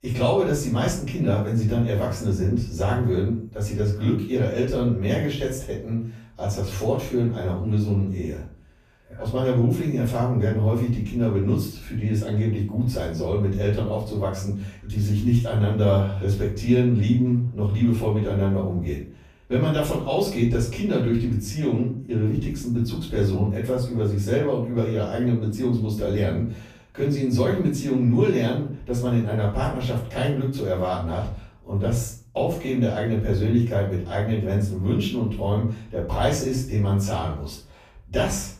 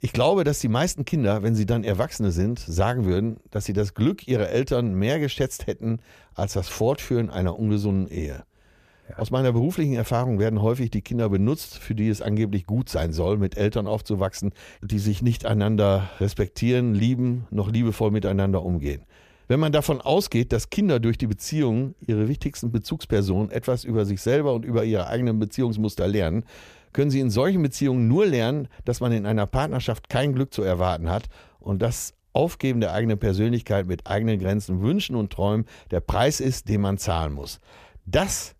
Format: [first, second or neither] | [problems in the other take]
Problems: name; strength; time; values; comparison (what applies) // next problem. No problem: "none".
second | off-mic speech; far // room echo; noticeable; dies away in 0.4 s